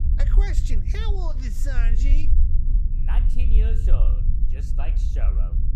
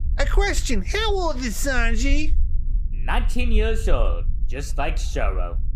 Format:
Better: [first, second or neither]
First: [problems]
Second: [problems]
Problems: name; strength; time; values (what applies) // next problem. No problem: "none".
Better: second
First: low rumble; loud; throughout; 5 dB below the speech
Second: low rumble; faint; throughout; 25 dB below the speech